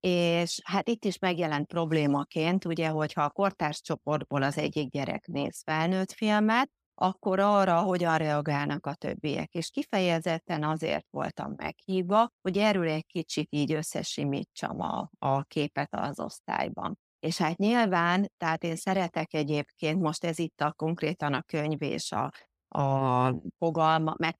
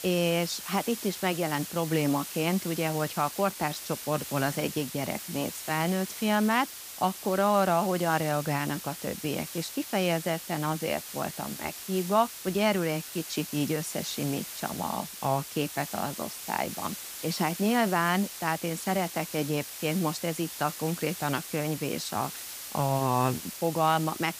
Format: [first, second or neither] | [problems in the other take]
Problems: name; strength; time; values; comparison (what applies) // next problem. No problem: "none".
first | hiss; loud; throughout; 8 dB below the speech